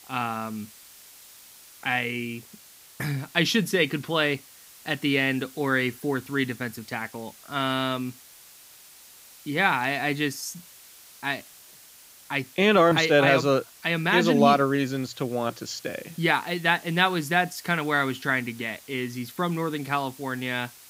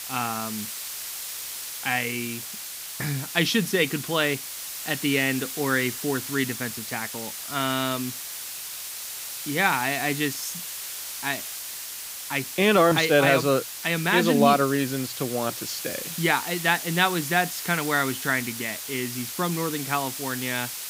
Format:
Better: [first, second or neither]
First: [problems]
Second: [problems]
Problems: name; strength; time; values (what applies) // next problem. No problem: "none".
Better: first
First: hiss; faint; throughout; 20 dB below the speech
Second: hiss; loud; throughout; 7 dB below the speech